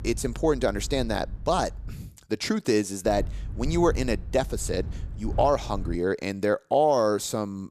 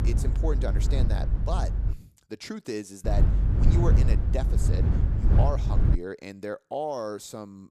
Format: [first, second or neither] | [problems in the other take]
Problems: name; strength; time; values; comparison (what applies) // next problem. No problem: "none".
first | low rumble; loud; until 2 s and from 3 to 6 s; 4 dB below the speech; faint in the first